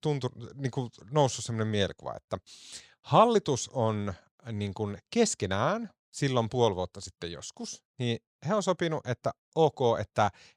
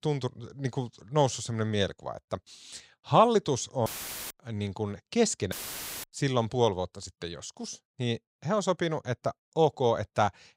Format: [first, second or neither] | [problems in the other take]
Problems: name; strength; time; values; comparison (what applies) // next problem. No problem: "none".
first | audio cutting out; filled with static; at 4 s and at 5.5 s for 0.5 s